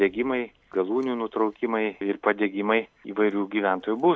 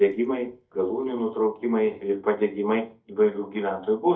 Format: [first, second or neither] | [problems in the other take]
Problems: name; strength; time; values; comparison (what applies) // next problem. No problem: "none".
first | noise reduction (neural mask model DeepFilterNet 3)